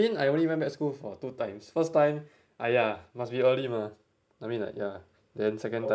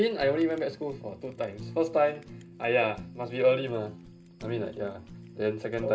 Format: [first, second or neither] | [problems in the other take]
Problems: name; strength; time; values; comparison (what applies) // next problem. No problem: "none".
first | background sound (Fire); 16 dB below the speech // room echo; dies away in 0.2 s